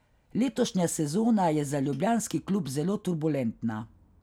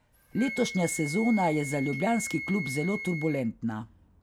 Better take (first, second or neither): first